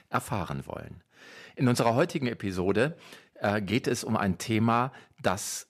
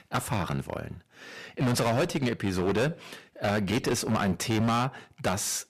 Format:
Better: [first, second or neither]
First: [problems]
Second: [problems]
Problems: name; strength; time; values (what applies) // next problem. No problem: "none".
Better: first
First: none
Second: distortion; heavy; 16% of the sound clipped